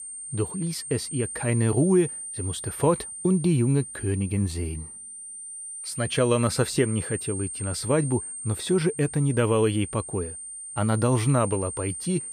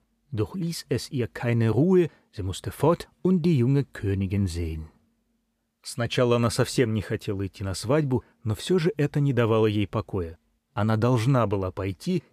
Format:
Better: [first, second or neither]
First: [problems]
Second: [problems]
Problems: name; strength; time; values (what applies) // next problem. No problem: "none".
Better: second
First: high-pitched whine; loud; throughout; 8.5 kHz, 8 dB below the speech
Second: none